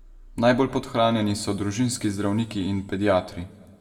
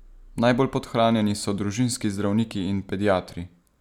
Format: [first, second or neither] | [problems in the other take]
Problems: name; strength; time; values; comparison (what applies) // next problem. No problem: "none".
second | room echo; dies away in 1.8 s